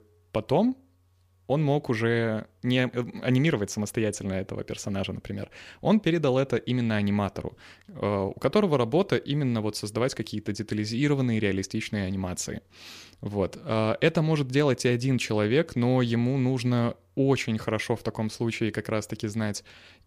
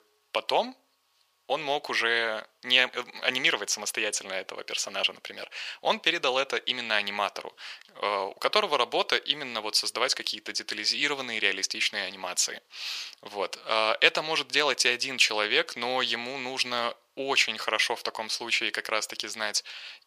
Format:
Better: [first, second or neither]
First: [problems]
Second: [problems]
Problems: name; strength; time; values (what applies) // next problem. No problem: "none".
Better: first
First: none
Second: thin; very; fading below 900 Hz